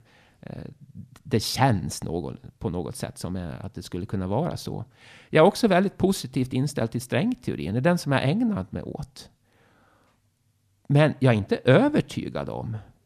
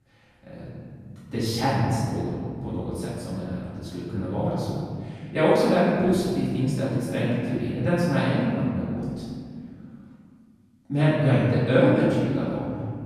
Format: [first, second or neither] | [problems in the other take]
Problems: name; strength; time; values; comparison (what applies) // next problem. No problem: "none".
first | off-mic speech; far // room echo; strong; dies away in 2 s